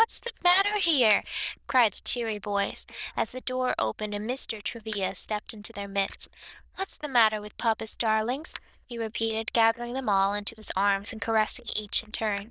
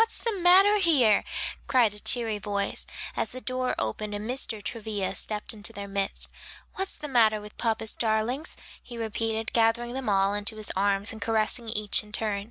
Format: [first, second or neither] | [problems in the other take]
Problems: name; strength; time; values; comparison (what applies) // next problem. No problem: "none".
second | noise reduction (neural diffusion model UNIVERSE++)